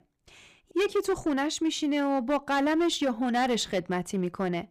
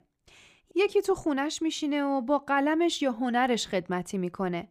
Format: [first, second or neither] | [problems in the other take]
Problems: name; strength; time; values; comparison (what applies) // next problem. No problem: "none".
second | distortion; slight; 10% of the sound clipped